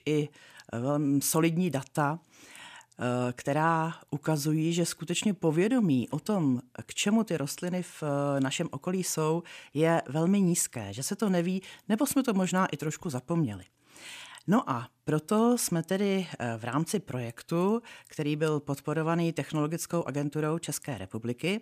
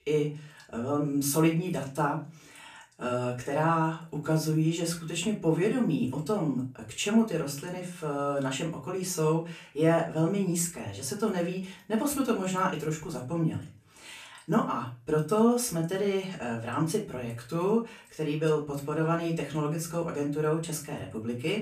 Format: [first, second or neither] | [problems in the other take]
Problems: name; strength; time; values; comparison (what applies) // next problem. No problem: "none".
first | off-mic speech; far // room echo; slight; dies away in 0.3 s